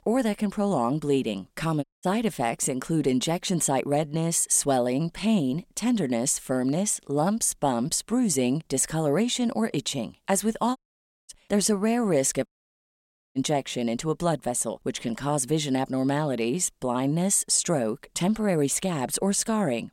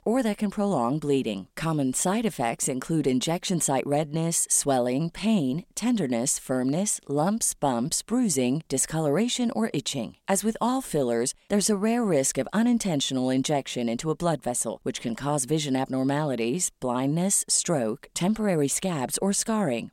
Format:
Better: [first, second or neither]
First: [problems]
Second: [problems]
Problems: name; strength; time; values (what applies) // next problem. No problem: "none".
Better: second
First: audio cutting out; at 2 s, at 11 s for 0.5 s and at 12 s for 1 s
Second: none